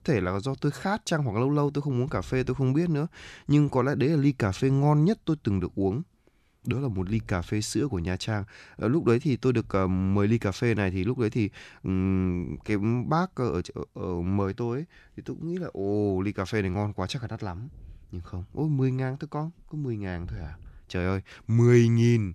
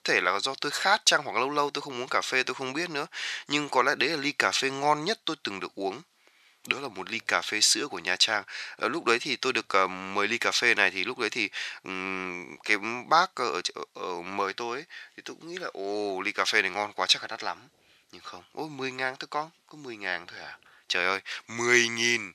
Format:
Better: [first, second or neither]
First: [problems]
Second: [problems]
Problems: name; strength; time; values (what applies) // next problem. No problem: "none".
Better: first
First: none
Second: thin; very; fading below 750 Hz